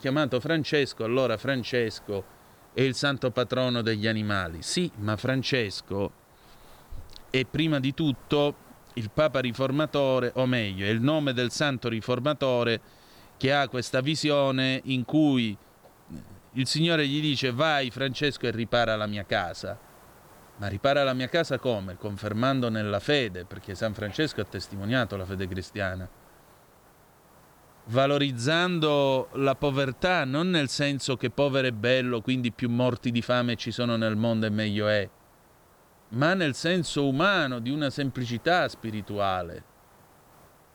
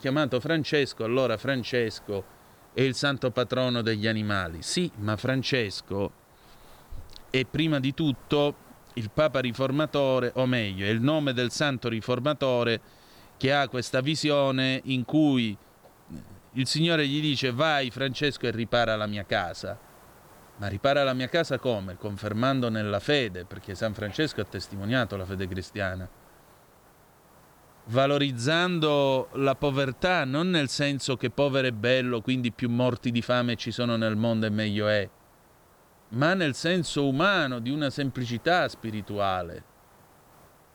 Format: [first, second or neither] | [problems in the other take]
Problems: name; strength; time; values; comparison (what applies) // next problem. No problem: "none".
neither | hiss; faint; throughout; 30 dB below the speech; the same in both